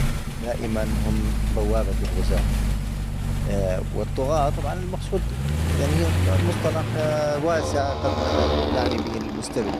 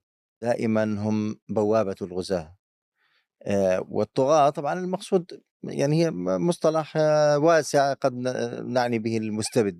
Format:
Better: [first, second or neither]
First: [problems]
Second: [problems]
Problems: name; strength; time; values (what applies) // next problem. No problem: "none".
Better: second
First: traffic noise; very loud; throughout; 2 dB above the speech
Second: none